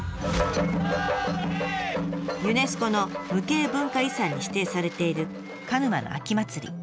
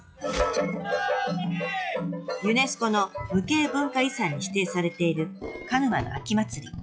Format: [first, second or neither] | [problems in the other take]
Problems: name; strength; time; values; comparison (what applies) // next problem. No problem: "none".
first | noise reduction (classical method log-MMSE)